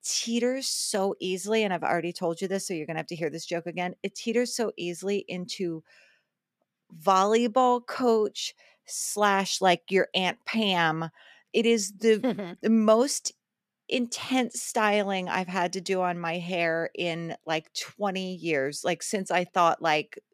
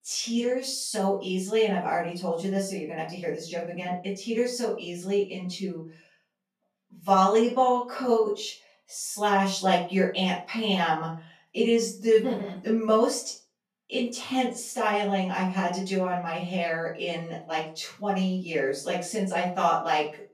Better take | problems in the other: first | off-mic speech; far // room echo; slight; dies away in 0.3 s

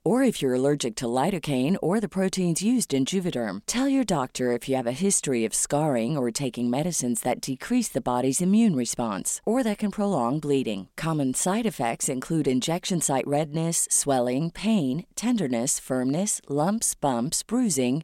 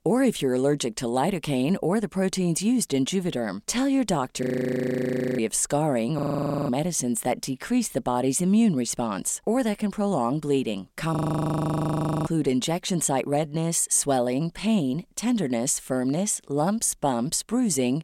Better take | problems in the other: first | audio freezing; at 4.5 s for 1 s, at 6 s for 0.5 s and at 11 s for 1 s

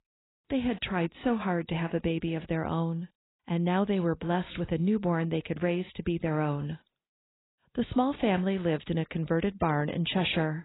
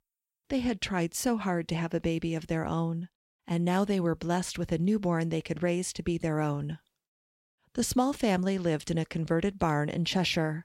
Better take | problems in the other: second | garbled, watery; badly; nothing above 4 kHz

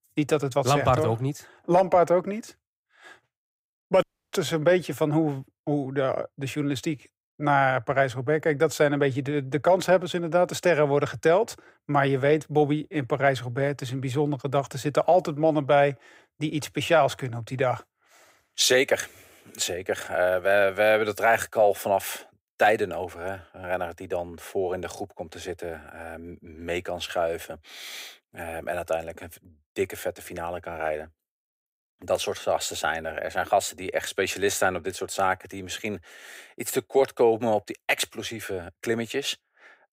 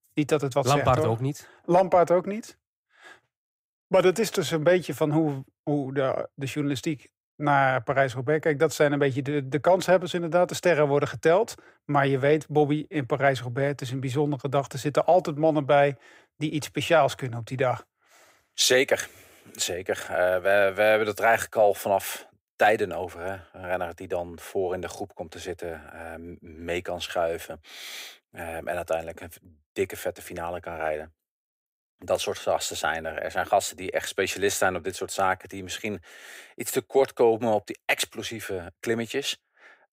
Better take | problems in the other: second | audio cutting out; at 4 s

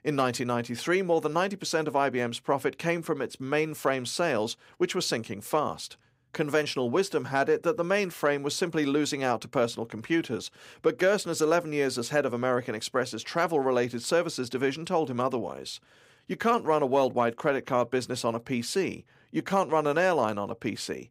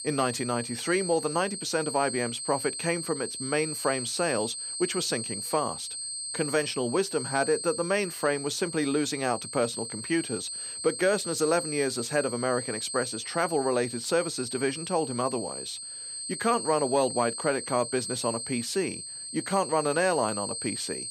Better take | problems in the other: first | high-pitched whine; loud; throughout; 8.5 kHz, 5 dB below the speech

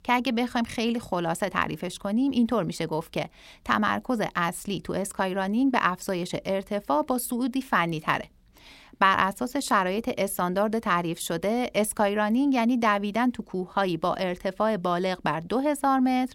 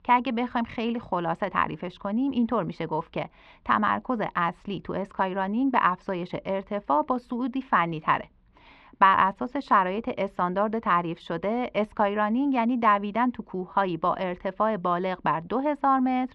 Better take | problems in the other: first | muffled; very; fading above 3 kHz

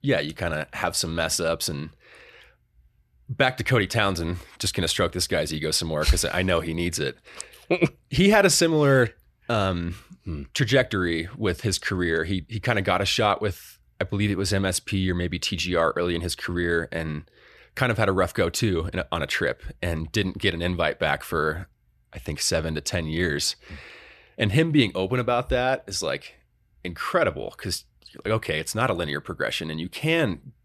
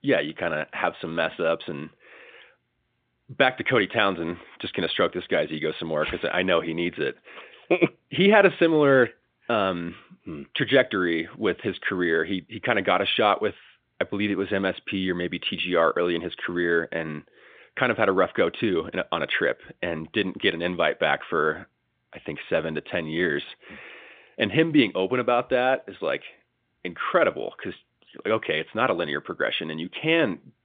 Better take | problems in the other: first | phone-call audio

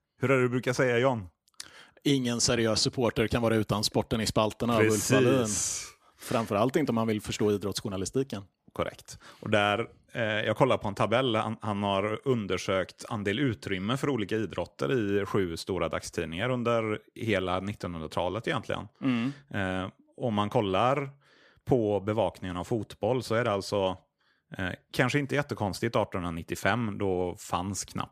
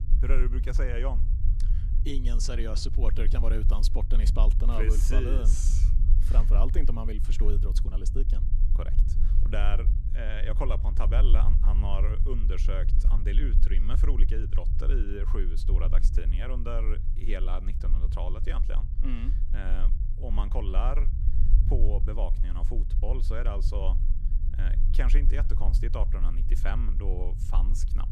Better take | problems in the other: first | low rumble; loud; throughout; 10 dB below the speech

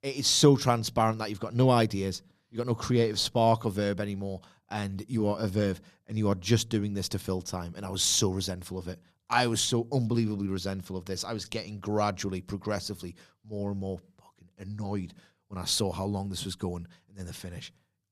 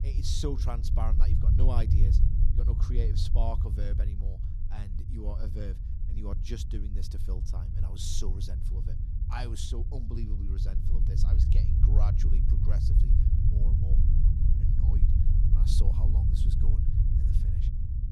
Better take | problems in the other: first | low rumble; loud; throughout; 2 dB below the speech

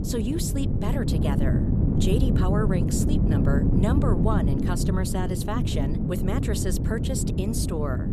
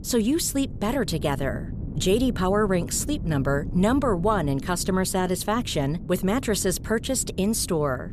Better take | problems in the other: second | wind noise on the microphone; heavy; 1 dB below the speech; occasional gusts in the second

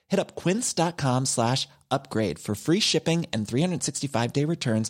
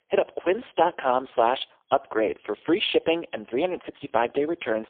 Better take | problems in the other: first | phone-call audio; poor line; nothing above 3.5 kHz

